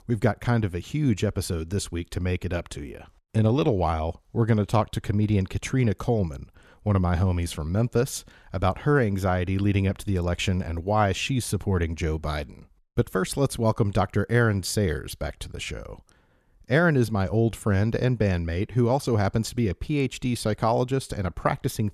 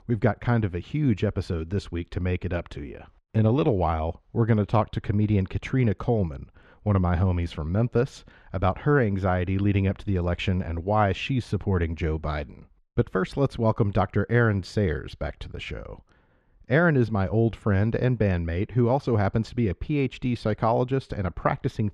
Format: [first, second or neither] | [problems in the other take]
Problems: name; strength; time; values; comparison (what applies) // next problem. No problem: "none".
first | muffled; slightly; fading above 3 kHz